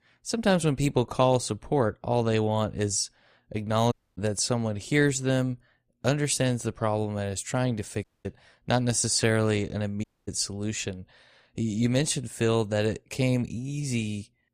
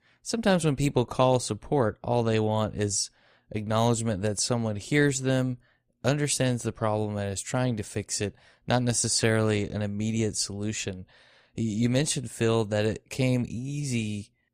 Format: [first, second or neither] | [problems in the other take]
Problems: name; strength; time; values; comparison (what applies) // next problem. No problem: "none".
second | audio cutting out; at 4 s, at 8 s and at 10 s